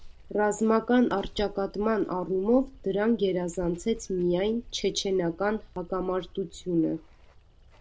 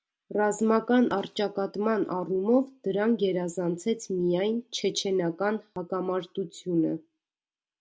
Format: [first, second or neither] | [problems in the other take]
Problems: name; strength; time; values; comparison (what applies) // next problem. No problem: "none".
second | background sound (Water); 19 dB below the speech